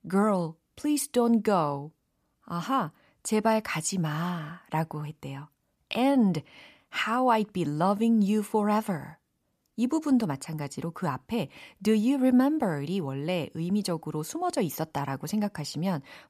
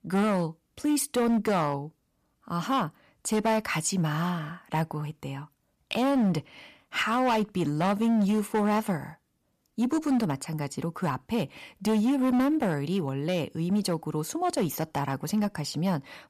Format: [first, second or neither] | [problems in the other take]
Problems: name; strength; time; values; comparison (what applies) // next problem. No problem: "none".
first | distortion; slight; 9% of the sound clipped